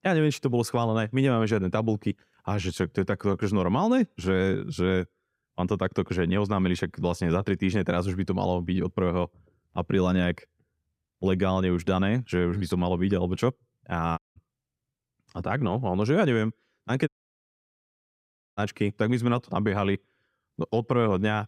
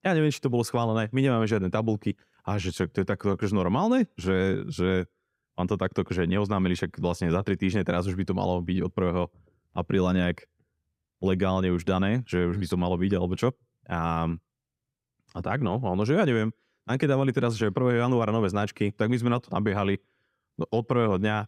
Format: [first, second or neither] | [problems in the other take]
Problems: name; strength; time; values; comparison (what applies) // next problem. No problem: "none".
second | audio cutting out; at 14 s and at 17 s for 1.5 s